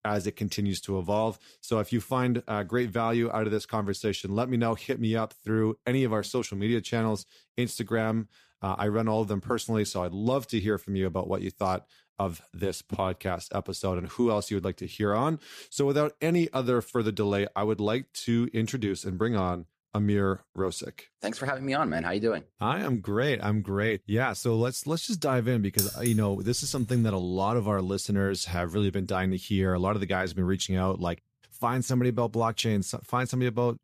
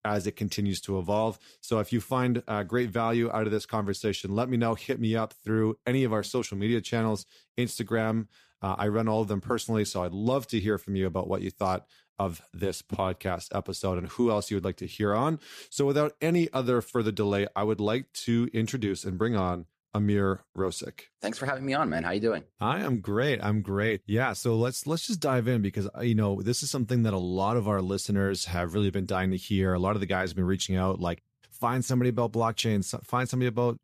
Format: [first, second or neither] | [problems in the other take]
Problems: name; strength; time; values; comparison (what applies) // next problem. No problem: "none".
second | jangling keys; loud; at 26 s; peak 1 dB above the speech